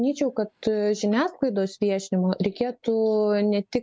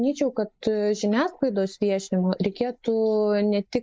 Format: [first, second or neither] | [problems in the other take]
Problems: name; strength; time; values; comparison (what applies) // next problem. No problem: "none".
first | noise reduction (neural mask model Resemble Enhance denoiser)